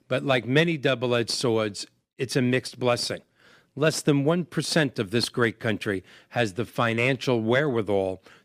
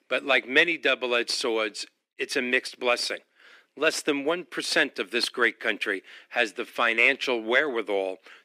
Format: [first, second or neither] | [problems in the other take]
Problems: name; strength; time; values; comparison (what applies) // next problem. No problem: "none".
first | thin; somewhat; fading below 300 Hz